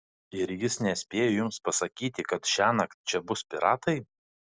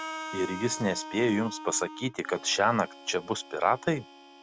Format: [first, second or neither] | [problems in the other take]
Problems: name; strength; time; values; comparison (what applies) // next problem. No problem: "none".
first | background sound (Harmonica); 13 dB below the speech